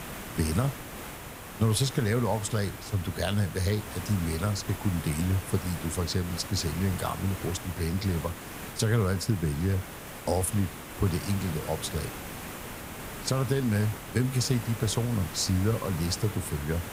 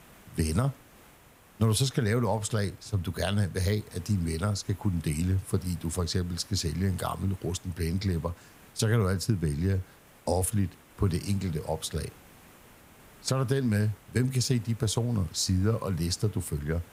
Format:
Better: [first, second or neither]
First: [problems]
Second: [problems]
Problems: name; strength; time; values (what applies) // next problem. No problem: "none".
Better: second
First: hiss; loud; throughout; 10 dB below the speech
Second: hiss; faint; throughout; 25 dB below the speech